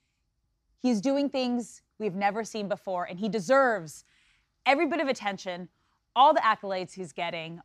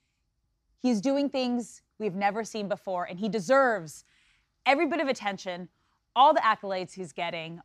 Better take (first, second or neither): neither